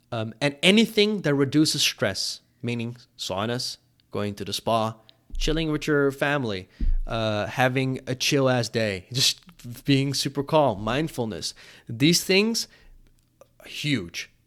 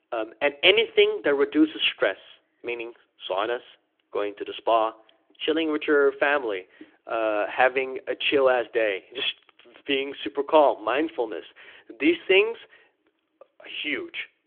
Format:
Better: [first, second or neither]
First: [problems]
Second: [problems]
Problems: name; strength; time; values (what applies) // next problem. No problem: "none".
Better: first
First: none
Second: phone-call audio; nothing above 3.5 kHz